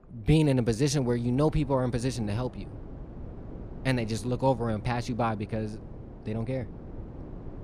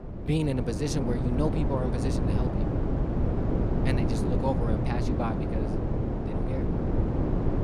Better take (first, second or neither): first